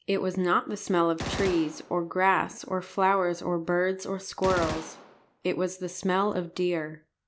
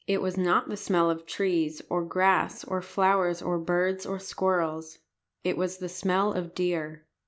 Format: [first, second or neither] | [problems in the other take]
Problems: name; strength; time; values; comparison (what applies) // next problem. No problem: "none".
second | background sound (Gunshot, gunfire); 12 dB below the speech